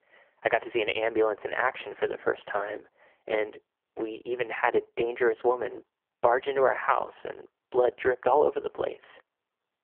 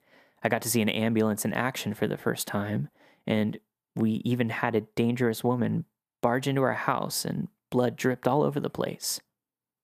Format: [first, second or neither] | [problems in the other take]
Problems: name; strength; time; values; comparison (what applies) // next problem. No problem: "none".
second | phone-call audio; poor line; nothing above 3.5 kHz